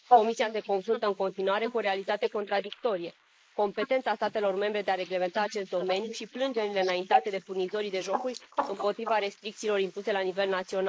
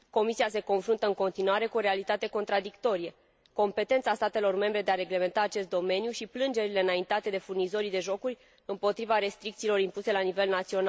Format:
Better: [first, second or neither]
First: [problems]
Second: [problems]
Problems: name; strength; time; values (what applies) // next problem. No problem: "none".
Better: second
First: noise reduction (neural mask model Resemble Enhance denoiser)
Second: none